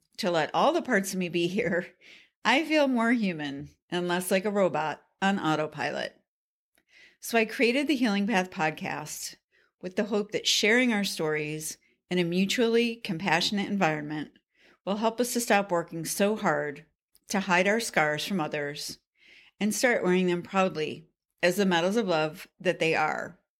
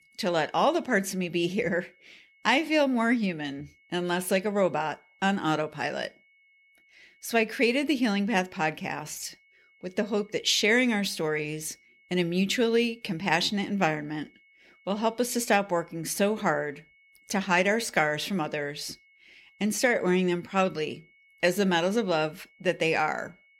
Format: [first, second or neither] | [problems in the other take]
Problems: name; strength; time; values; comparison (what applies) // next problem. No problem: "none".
first | high-pitched whine; faint; throughout; 2 kHz, 30 dB below the speech